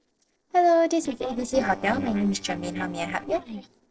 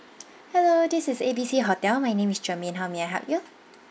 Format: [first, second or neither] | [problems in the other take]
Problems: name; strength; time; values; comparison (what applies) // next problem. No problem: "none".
second | noise reduction (neural separator model SepFormer DNS4)